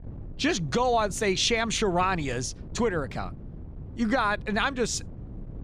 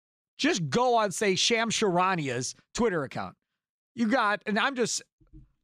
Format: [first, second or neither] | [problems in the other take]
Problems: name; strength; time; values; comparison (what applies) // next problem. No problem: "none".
second | wind noise on the microphone; occasional gusts; 25 dB below the speech